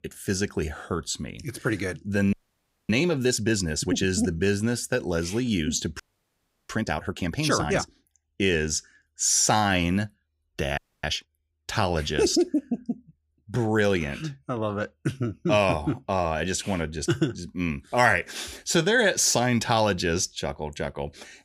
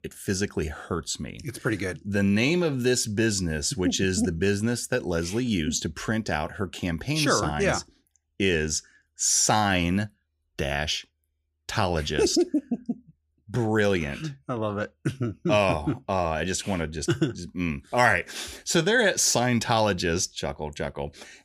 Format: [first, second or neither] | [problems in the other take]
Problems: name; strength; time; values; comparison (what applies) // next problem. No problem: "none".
second | audio freezing; at 2.5 s for 0.5 s, at 6 s for 0.5 s and at 11 s